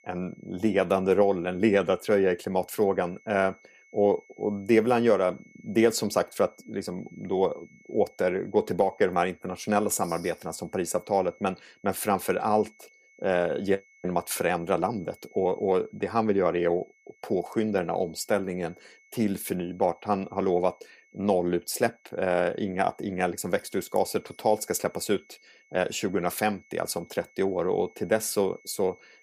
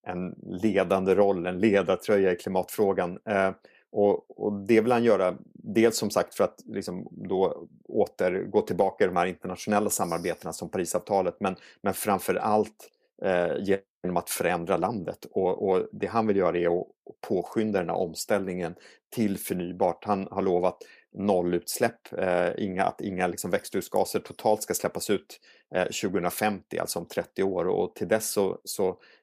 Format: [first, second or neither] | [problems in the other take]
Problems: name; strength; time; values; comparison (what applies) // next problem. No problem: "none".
second | high-pitched whine; faint; throughout; 2 kHz, 30 dB below the speech